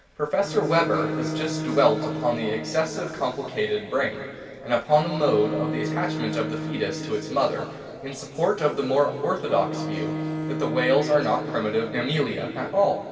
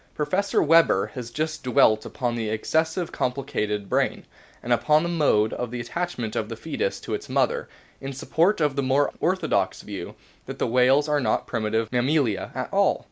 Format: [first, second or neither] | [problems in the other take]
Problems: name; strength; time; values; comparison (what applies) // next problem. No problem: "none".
second | background sound (Bowed string instrument); 8 dB below the speech // room echo; dies away in 2.6 s